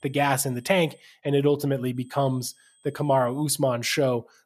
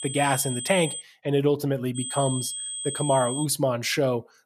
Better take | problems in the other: first | high-pitched whine; loud; until 1 s and from 2 to 3.5 s; 8 kHz, 6 dB below the speech; faint in the first

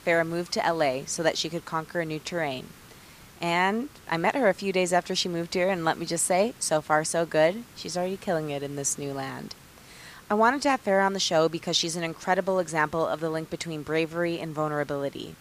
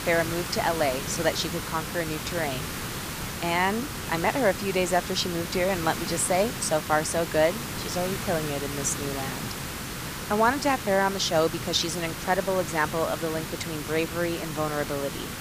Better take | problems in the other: first | hiss; loud; throughout; 6 dB below the speech; faint in the first

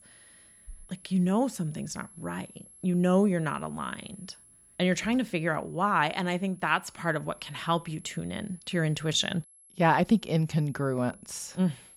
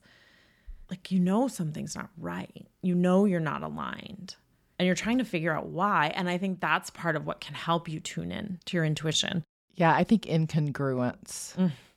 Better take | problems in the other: second | high-pitched whine; faint; throughout; 11 kHz, 25 dB below the speech

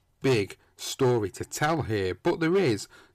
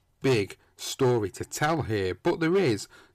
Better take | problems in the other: neither | distortion; slight; 5% of the sound clipped; the same in both

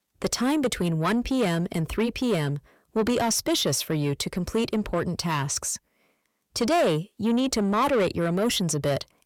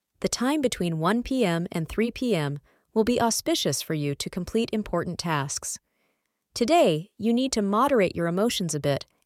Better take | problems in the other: second | distortion; slight; 10 dB below the speech

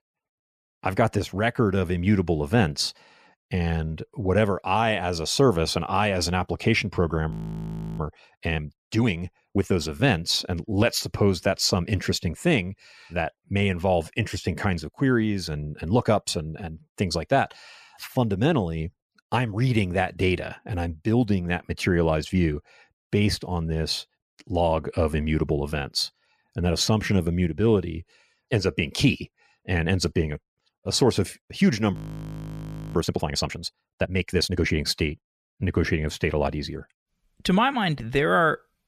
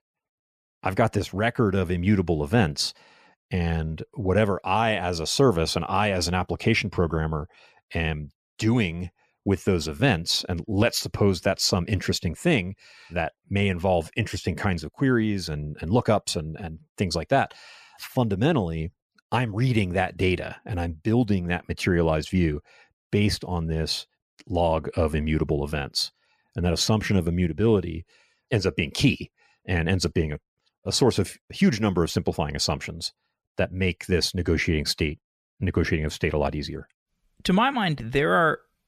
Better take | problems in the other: second | audio freezing; at 7.5 s for 0.5 s and at 32 s for 1 s

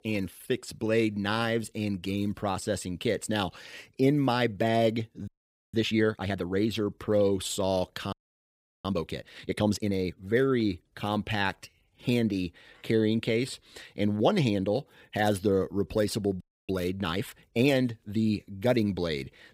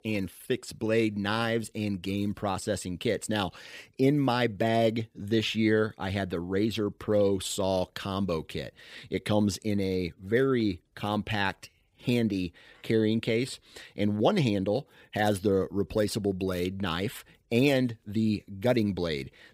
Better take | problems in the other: second | audio freezing; at 5.5 s, at 8 s for 0.5 s and at 16 s

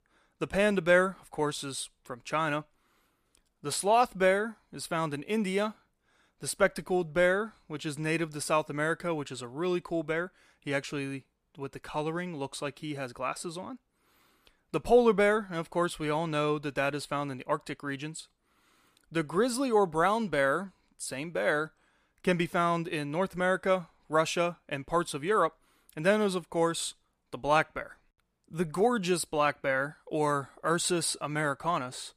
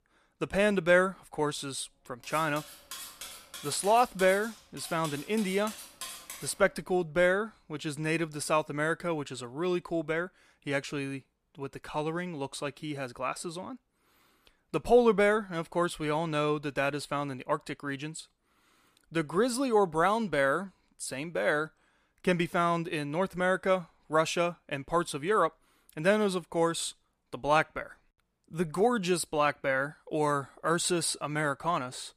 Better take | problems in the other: first | clattering dishes; faint; from 2 to 6.5 s; peak 10 dB below the speech

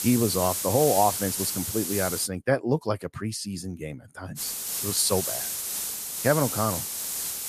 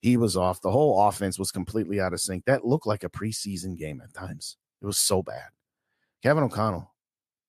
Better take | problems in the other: second | hiss; loud; until 2.5 s and from 4.5 s on; 2 dB below the speech

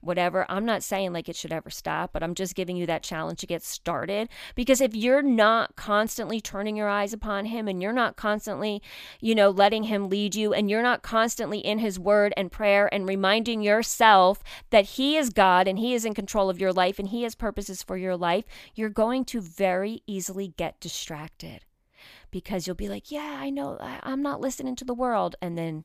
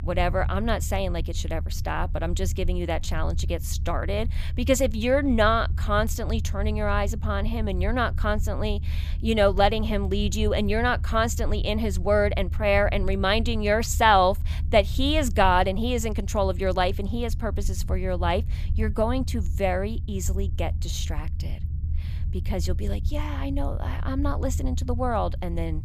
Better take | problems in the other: first | low rumble; faint; throughout; 20 dB below the speech

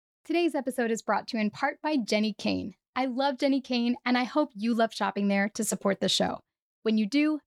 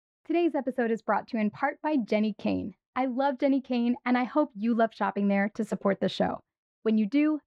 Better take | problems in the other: first | muffled; very; fading above 4 kHz

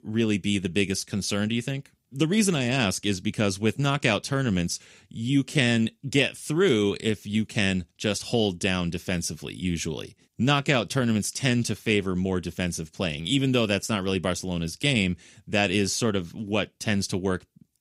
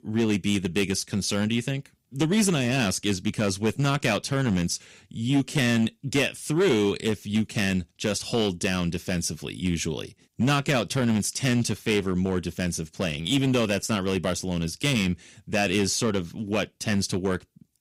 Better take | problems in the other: first | distortion; slight; 4% of the sound clipped

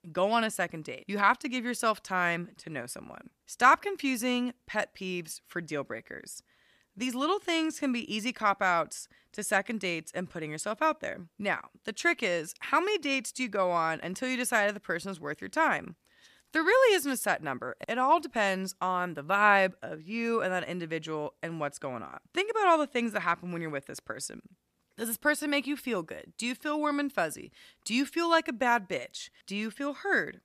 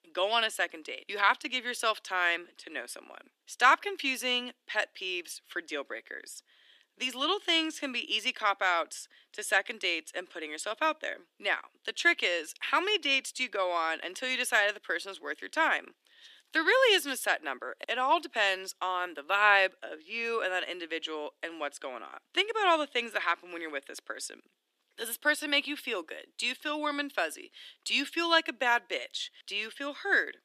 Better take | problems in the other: first | thin; somewhat; fading below 300 Hz

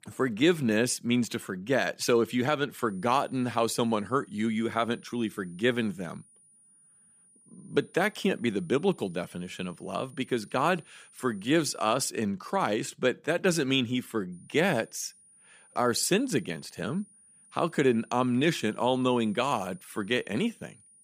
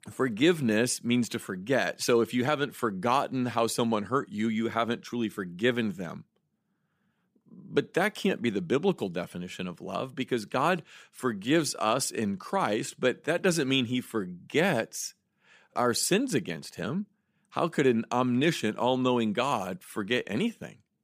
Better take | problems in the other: second | high-pitched whine; faint; from 3 to 12 s and from 14 s on; 9.5 kHz, 25 dB below the speech

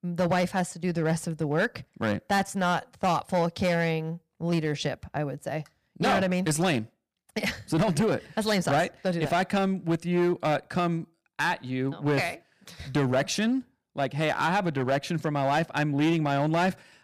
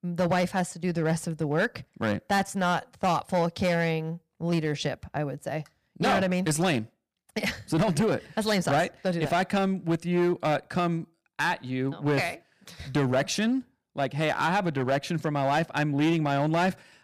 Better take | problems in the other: neither | distortion; slight; 7% of the sound clipped; the same in both

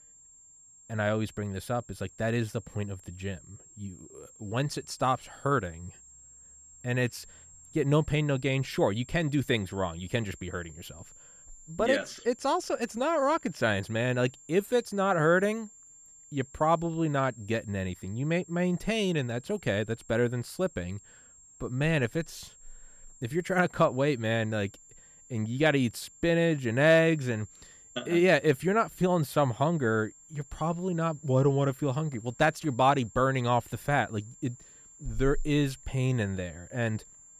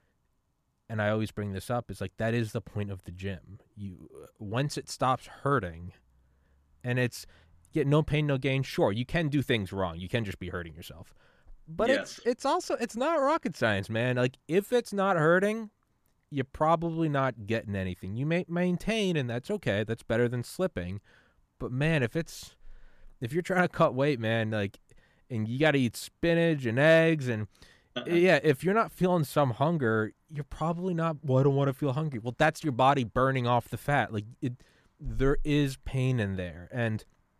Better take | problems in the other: second | high-pitched whine; faint; throughout; 7.5 kHz, 25 dB below the speech

